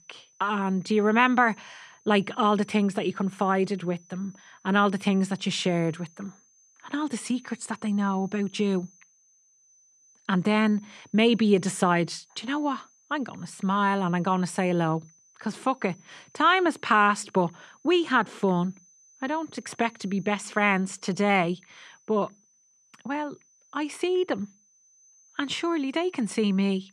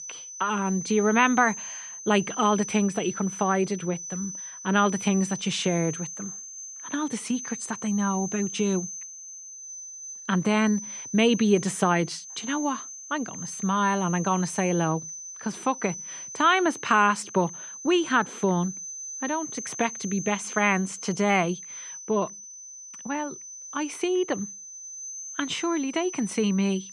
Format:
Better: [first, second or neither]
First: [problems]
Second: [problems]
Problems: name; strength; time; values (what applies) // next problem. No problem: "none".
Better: first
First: high-pitched whine; faint; throughout; 6 kHz, 30 dB below the speech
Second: high-pitched whine; loud; throughout; 6 kHz, 10 dB below the speech